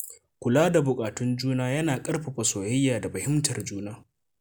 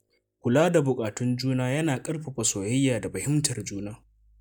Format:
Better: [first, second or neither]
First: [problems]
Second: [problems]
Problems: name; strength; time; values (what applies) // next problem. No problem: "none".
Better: first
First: none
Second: noise reduction (neural mask model DeepFilterNet 3)